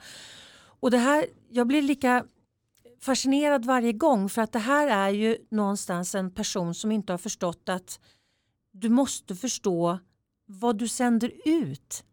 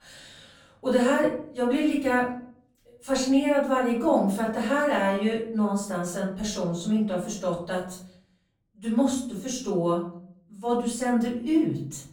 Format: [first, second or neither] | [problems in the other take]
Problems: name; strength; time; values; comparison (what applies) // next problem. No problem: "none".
first | off-mic speech; far // room echo; noticeable; dies away in 0.6 s